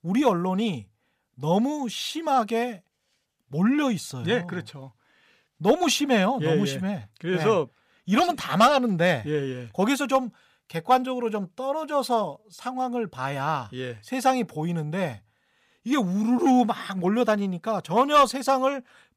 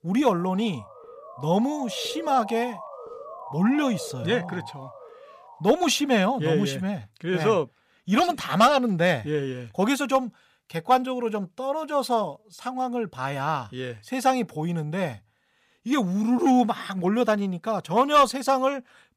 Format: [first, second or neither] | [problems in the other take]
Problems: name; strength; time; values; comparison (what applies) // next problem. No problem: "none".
first | siren; faint; until 6 s; peak 10 dB below the speech